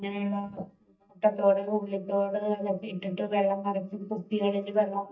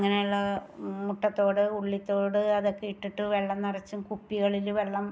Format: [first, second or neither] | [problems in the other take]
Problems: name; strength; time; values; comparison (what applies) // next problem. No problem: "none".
second | noise reduction (neural mask model DeepFilterNet 3)